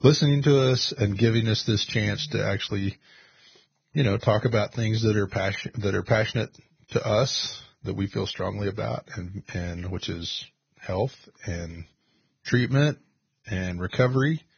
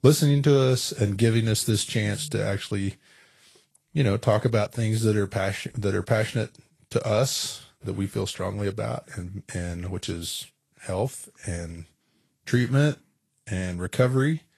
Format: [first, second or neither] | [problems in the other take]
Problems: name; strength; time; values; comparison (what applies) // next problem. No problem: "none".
second | garbled, watery; badly; nothing above 6 kHz; slightly in the second